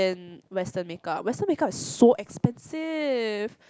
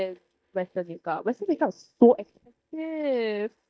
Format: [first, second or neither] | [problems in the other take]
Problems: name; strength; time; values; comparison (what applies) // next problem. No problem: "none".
first | noise reduction (neural mask model DeepFilterNet 3)